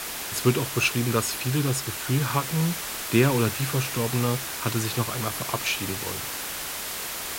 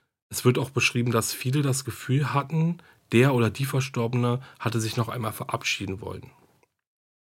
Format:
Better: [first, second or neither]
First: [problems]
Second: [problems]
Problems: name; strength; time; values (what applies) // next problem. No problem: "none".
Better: second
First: hiss; loud; throughout; 4 dB below the speech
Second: none